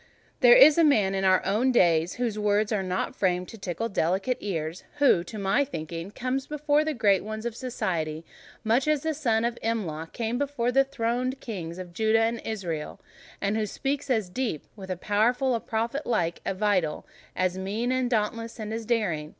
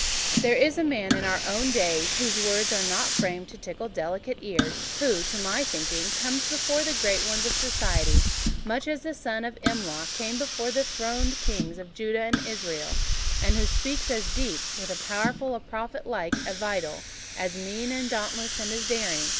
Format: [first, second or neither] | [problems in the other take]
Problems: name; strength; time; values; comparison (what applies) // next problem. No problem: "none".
first | background sound (Hiss); 2 dB above the speech